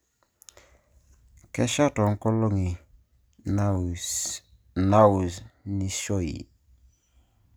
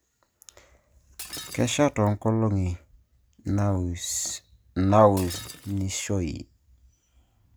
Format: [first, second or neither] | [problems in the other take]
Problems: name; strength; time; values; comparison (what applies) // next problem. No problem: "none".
first | background sound (Shatter); 19 dB below the speech